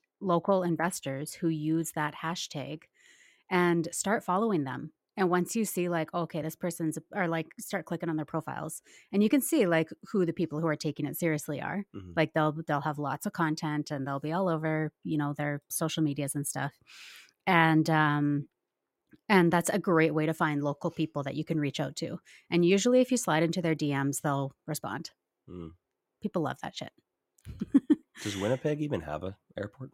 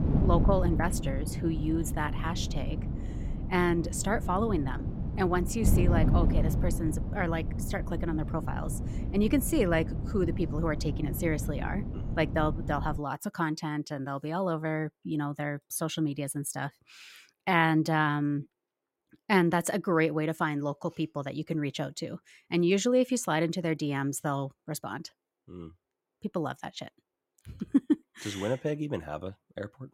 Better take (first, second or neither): first